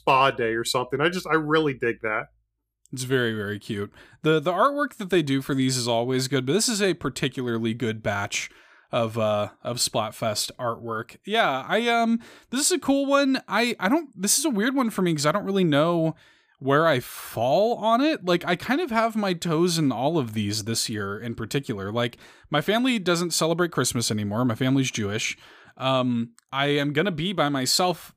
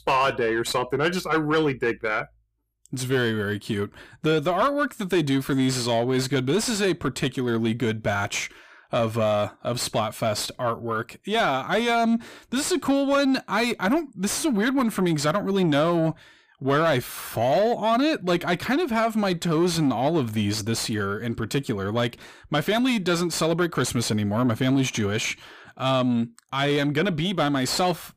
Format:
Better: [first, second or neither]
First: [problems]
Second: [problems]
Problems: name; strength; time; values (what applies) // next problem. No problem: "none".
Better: first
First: none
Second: distortion; slight; 10 dB below the speech